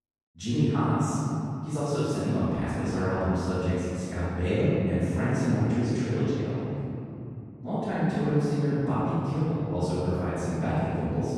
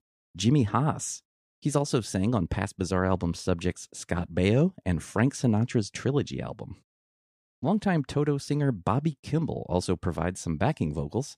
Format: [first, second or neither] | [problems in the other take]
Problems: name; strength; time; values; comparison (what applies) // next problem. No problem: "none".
second | off-mic speech; far // room echo; strong; dies away in 3 s